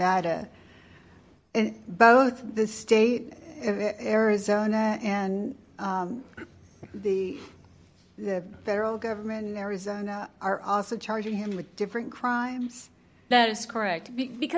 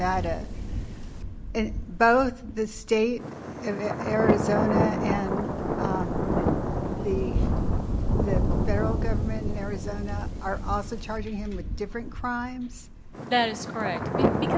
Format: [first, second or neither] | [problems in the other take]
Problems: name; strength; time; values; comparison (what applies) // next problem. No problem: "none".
first | background sound (Thunder); 2 dB above the speech